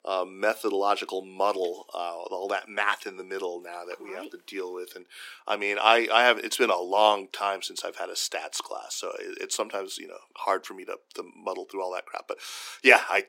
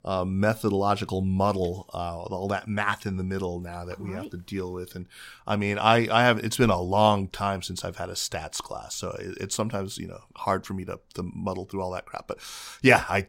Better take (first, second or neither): second